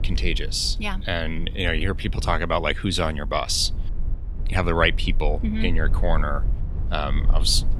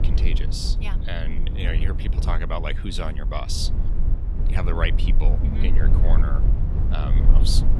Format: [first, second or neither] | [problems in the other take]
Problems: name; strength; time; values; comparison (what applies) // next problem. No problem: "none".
first | low rumble; loud; throughout; 7 dB below the speech; faint in the first